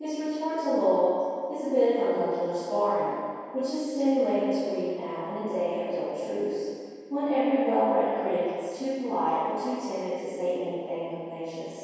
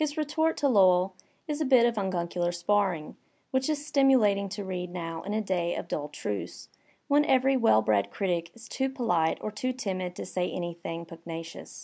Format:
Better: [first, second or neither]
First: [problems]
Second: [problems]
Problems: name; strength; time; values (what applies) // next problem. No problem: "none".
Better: second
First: room echo; dies away in 2.2 s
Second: none